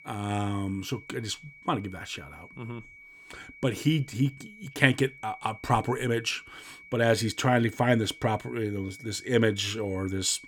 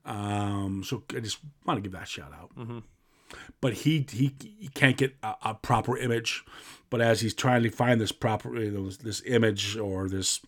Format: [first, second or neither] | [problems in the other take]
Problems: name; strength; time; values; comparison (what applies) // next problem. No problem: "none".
second | high-pitched whine; noticeable; throughout; 2.5 kHz, 20 dB below the speech